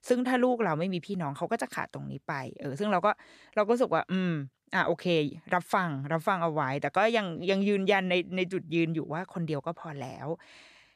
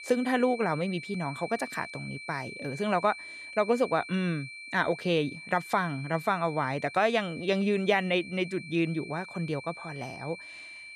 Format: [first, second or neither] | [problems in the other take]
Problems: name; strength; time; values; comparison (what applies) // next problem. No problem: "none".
first | high-pitched whine; noticeable; throughout; 2.5 kHz, 10 dB below the speech